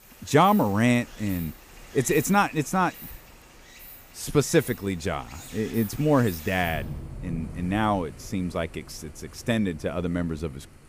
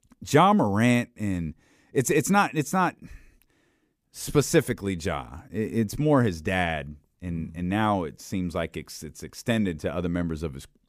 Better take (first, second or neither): second